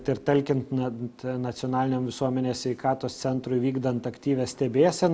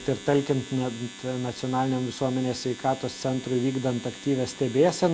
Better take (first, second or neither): first